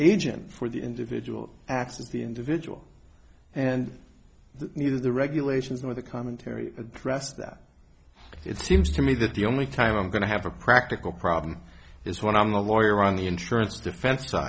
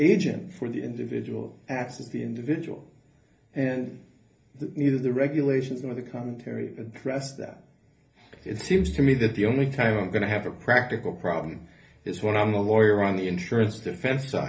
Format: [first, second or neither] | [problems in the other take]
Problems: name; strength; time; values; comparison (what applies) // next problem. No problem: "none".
first | room echo; dies away in 0.3 s